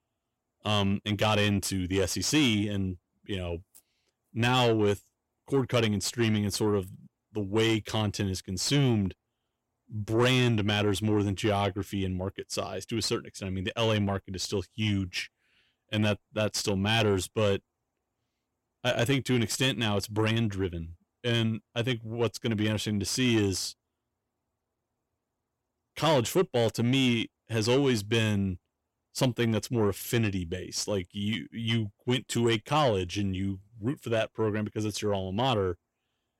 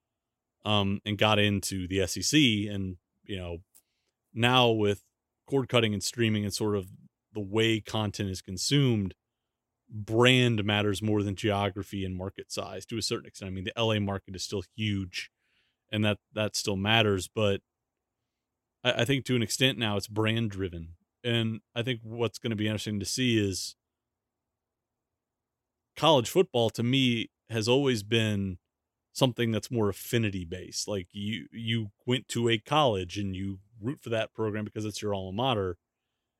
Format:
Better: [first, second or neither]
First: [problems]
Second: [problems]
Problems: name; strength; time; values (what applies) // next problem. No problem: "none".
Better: second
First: distortion; slight; 10 dB below the speech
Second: none